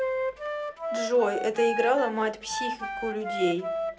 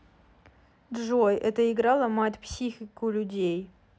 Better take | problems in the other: second | background sound (Wind instrument, woodwind instrument); 4 dB below the speech // room echo; dies away in 0.2 s

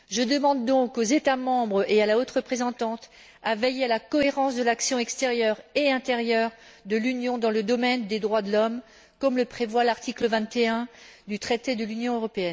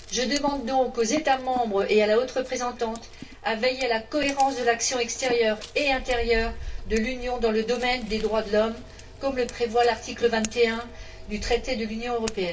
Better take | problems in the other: first | background sound (Scissors); 13 dB below the speech // room echo; dies away in 0.2 s

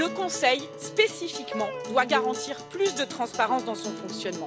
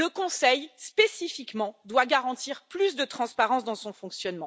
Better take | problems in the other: second | background sound (Plucked string instrument + Acoustic guitar); 8 dB below the speech

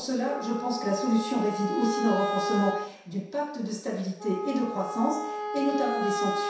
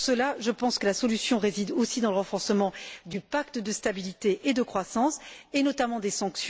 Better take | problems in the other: second | background sound (Wind instrument, woodwind instrument); 4 dB below the speech // room echo; dies away in 0.7 s

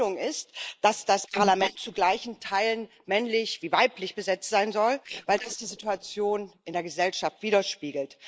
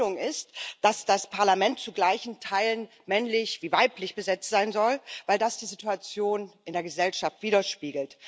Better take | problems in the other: second | noise reduction (neural mask model Resemble Enhance denoiser)

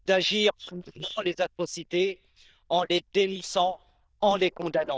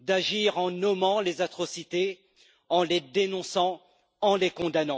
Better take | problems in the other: second | noise reduction (neural diffusion model UNIVERSE++)

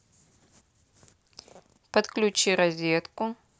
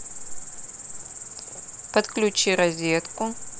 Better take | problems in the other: first | background sound (Cricket); 8 dB below the speech

